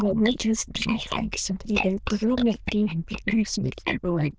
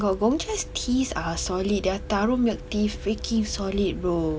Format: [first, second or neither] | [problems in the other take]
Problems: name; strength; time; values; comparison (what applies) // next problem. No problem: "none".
second | noise reduction (neural diffusion model UNIVERSE++)